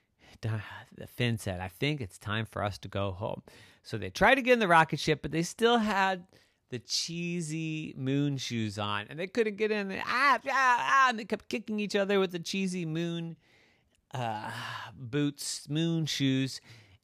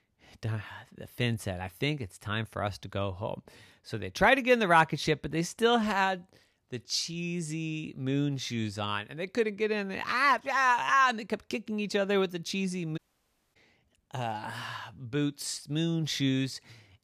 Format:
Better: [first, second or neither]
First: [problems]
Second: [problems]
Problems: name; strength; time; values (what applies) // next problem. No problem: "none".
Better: first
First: none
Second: audio cutting out; at 13 s for 0.5 s